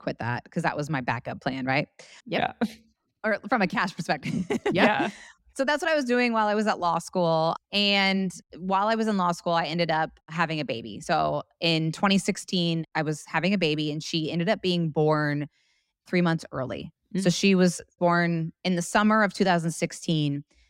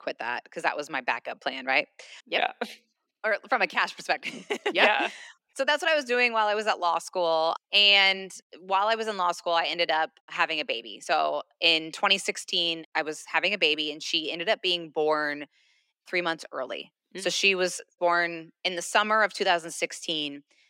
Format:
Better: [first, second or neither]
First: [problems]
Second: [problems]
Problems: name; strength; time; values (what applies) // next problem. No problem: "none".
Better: first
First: none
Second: thin; very; fading below 400 Hz